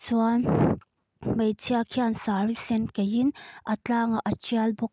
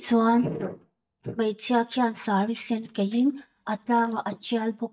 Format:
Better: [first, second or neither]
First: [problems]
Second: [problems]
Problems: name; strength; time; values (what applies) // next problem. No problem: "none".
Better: first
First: none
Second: noise reduction (neural mask model DeepFilterNet 3)